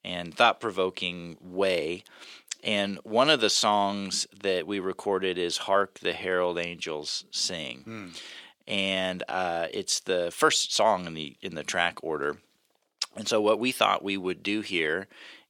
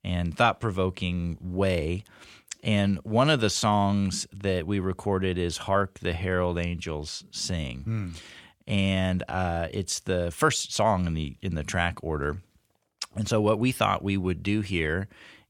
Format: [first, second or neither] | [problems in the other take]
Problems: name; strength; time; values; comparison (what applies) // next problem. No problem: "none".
second | thin; somewhat; fading below 350 Hz